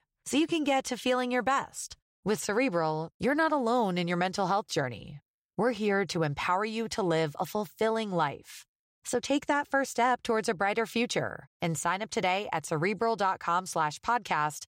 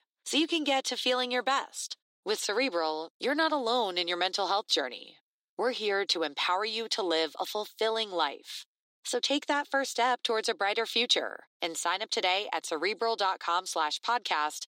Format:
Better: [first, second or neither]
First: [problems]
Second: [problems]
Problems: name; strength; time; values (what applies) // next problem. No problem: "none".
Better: first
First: none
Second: thin; very slightly; fading below 250 Hz